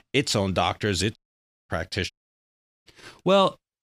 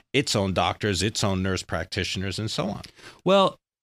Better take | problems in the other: second | audio cutting out; at 1 s for 0.5 s and at 2 s for 1 s

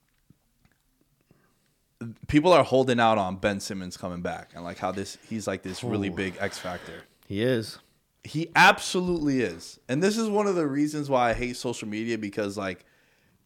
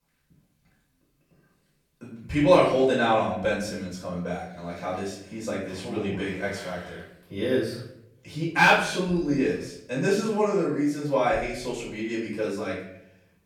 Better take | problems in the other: first | off-mic speech; far // room echo; noticeable; dies away in 0.6 s

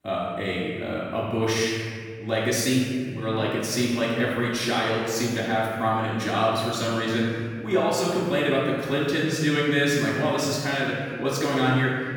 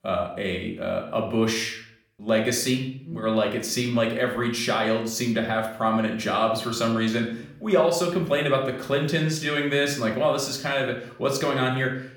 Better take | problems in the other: second | room echo; strong; dies away in 2.1 s; slight in the second // off-mic speech; far; somewhat distant in the second

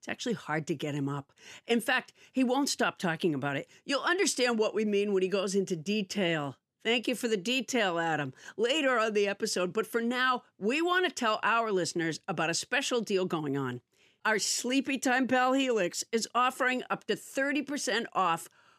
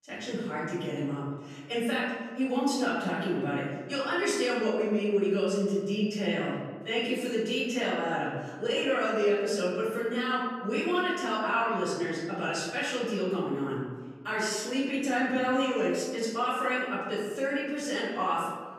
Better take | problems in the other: first | off-mic speech; far // room echo; noticeable; dies away in 1.4 s

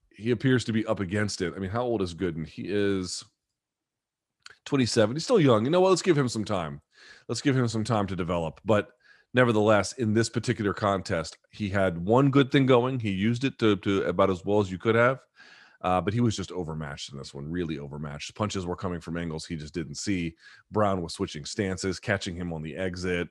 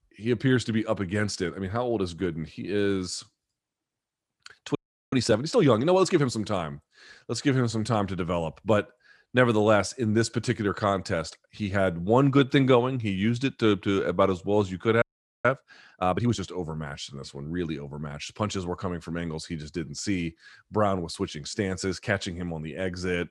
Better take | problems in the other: first | audio freezing; at 5 s and at 15 s

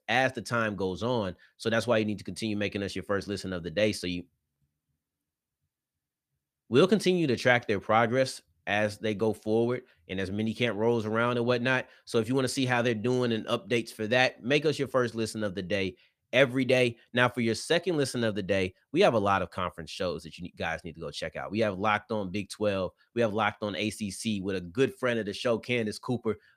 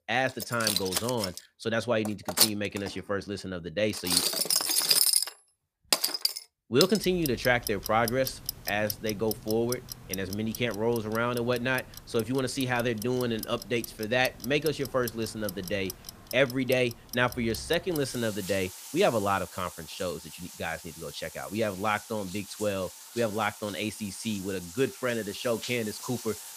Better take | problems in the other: first | household noises; loud; throughout; 1 dB below the speech

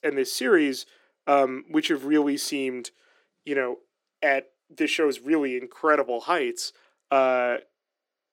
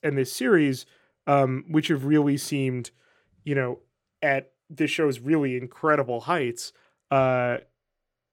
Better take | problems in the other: second | thin; very slightly; fading below 300 Hz

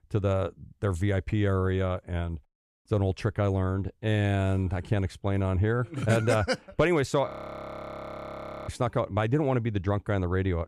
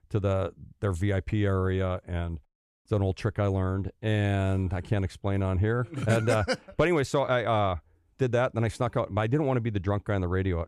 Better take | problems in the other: second | audio freezing; at 7.5 s for 1.5 s

